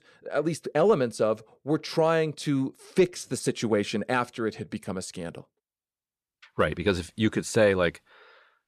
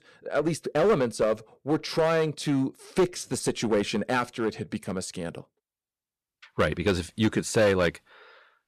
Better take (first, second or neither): first